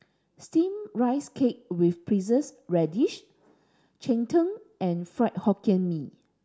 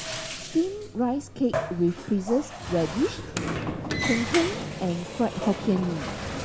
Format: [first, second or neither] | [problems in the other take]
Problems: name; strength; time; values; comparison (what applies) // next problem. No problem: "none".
first | background sound (Bathtub (filling or washing) + Sliding door); 5 dB below the speech